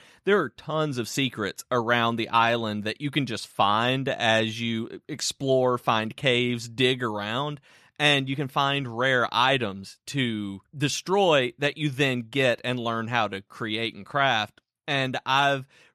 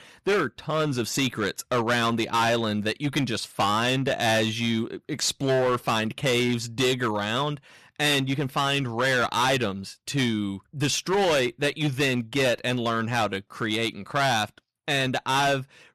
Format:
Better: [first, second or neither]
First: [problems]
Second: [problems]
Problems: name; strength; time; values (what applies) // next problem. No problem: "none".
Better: first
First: none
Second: distortion; heavy; 13% of the sound clipped